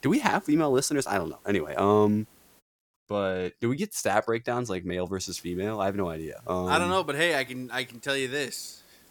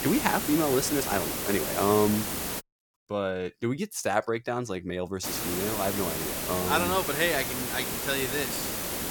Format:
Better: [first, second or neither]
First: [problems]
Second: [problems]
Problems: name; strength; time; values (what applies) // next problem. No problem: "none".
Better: first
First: hiss; faint; until 2.5 s and from 5 s on; 30 dB below the speech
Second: hiss; loud; until 2.5 s and from 5 s on; 1 dB below the speech